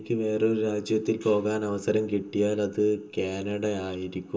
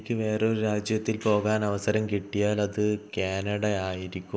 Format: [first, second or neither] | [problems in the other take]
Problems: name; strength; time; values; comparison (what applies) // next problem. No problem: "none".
second | room echo; dies away in 0.2 s